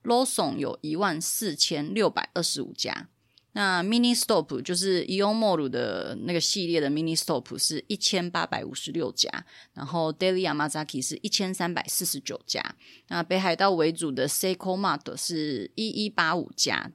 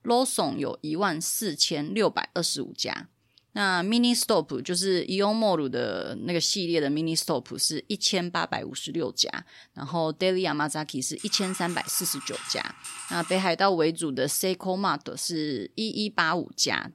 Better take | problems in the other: first | keyboard typing; noticeable; from 11 to 13 s; peak 10 dB below the speech

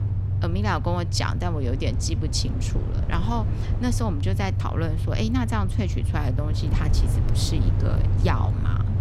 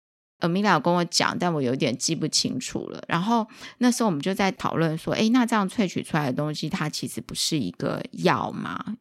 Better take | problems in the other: second | low rumble; loud; throughout; 8 dB below the speech

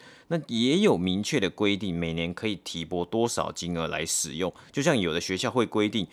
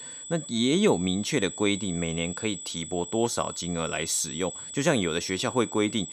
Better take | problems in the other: first | high-pitched whine; loud; throughout; 8 kHz, 10 dB below the speech

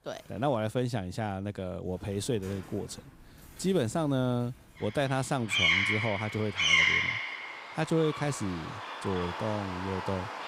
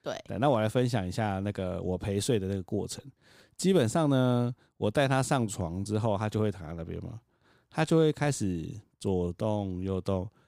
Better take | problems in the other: second | animal sounds; very loud; throughout; 4 dB above the speech

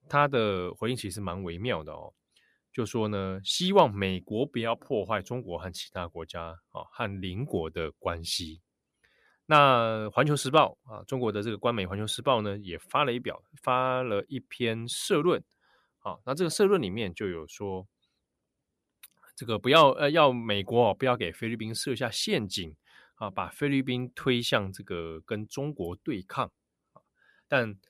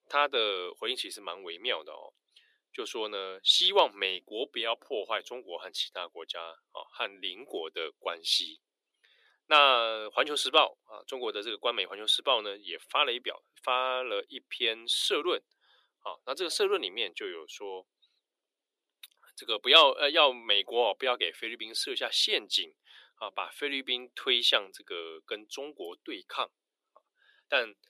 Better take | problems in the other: first | thin; very; fading below 350 Hz

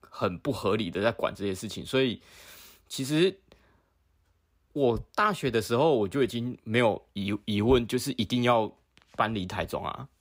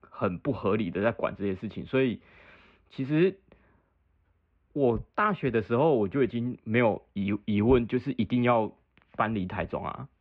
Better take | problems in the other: first | muffled; very; fading above 2.5 kHz

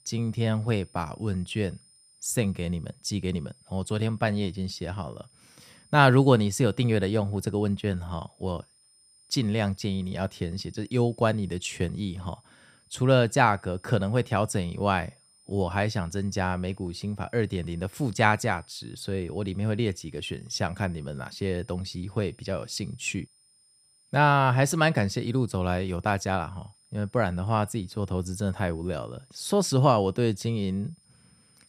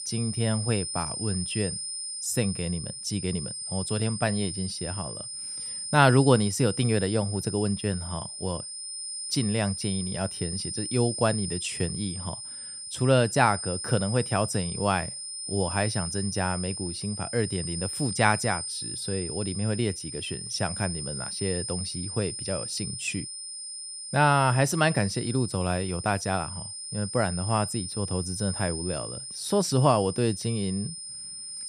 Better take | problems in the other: first | high-pitched whine; loud; throughout; 9 kHz, 6 dB below the speech; faint in the first

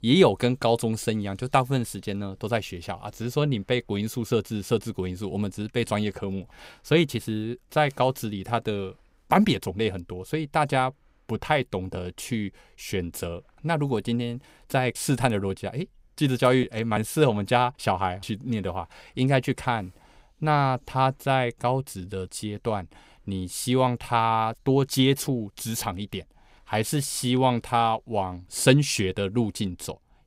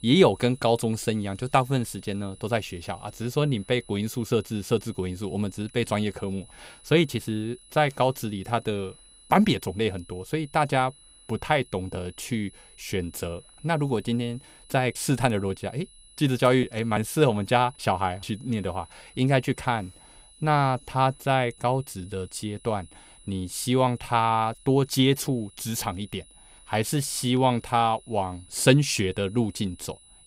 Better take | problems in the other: first | high-pitched whine; faint; throughout; 10 kHz, 25 dB below the speech

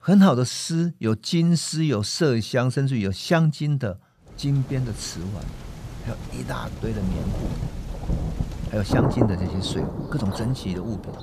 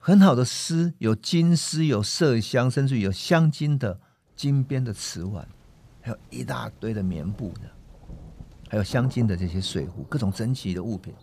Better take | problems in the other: second | rain or running water; loud; from 4.5 s on; 7 dB below the speech; faint in the second

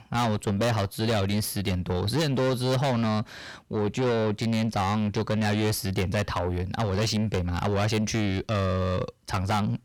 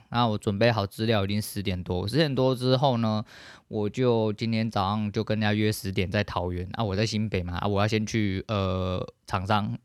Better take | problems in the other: second | distortion; heavy; 6 dB below the speech

